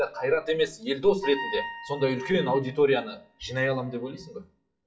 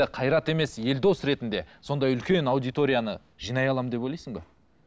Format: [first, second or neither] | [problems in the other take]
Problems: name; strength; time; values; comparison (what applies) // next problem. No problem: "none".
second | noise reduction (classical method WPE with log-MMSE)